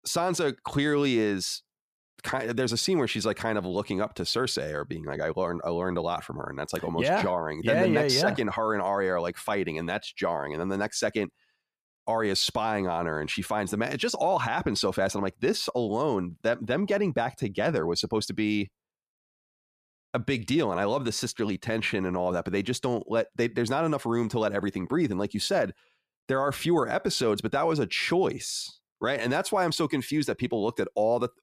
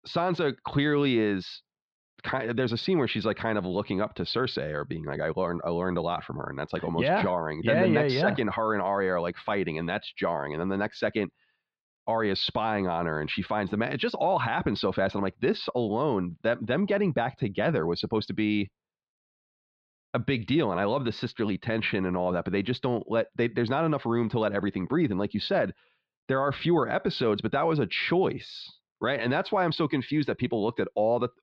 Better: first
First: none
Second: muffled; slightly; fading above 4 kHz

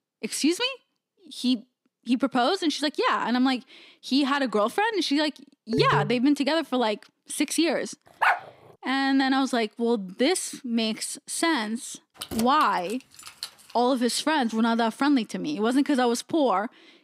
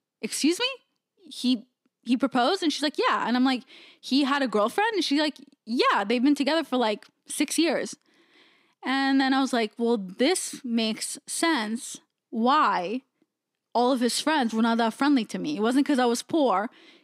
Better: second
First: phone ringing; noticeable; at 5.5 s; peak 3 dB below the speech // dog barking; loud; at 8 s; peak 1 dB above the speech // jangling keys; noticeable; from 12 to 14 s; peak 10 dB below the speech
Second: none

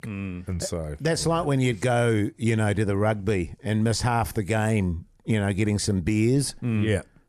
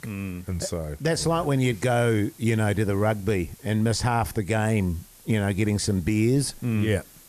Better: first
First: none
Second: hiss; faint; throughout; 25 dB below the speech

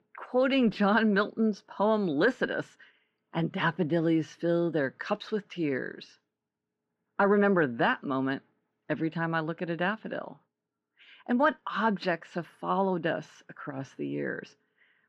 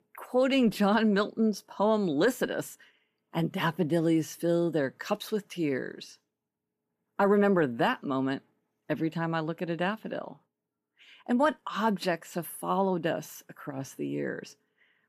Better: second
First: muffled; very slightly; fading above 4.5 kHz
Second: none

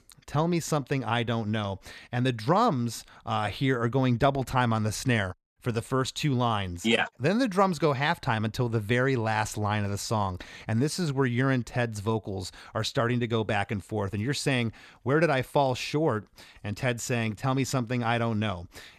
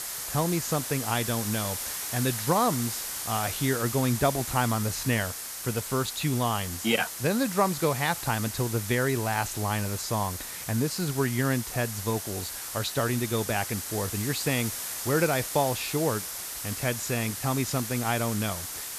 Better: first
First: none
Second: hiss; loud; throughout; 4 dB below the speech

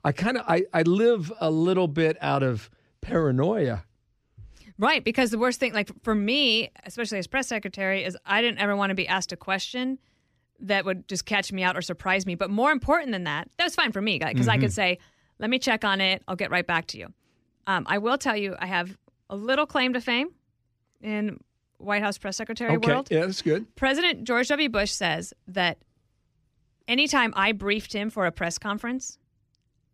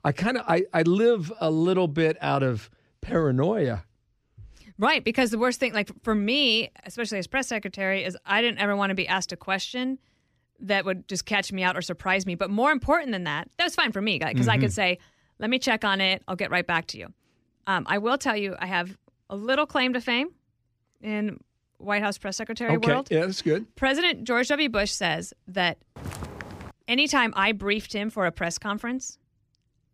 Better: first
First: none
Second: footsteps; faint; at 26 s; peak 10 dB below the speech

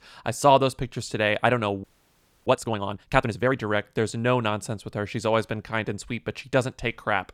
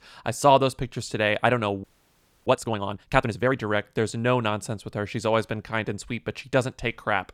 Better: neither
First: audio freezing; at 2 s for 0.5 s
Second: audio freezing; at 2 s for 0.5 s

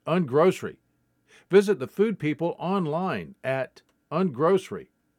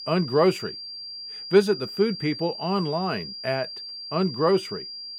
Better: first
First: none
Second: high-pitched whine; loud; throughout; 5 kHz, 10 dB below the speech

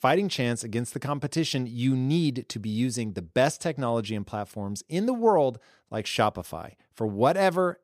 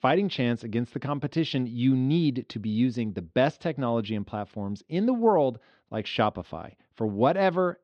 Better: first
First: none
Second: muffled; slightly; fading above 4 kHz

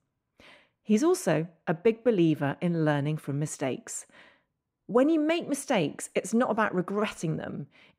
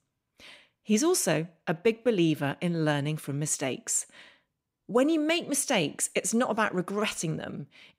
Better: second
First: muffled; slightly; fading above 2.5 kHz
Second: none

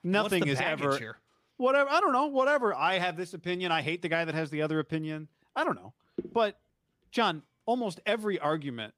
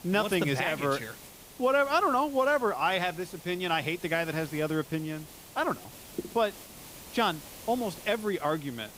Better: first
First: none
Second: hiss; noticeable; throughout; 15 dB below the speech

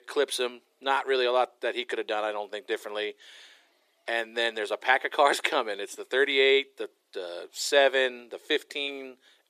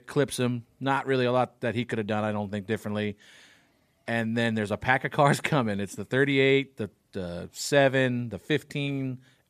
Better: second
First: thin; very; fading below 350 Hz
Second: none

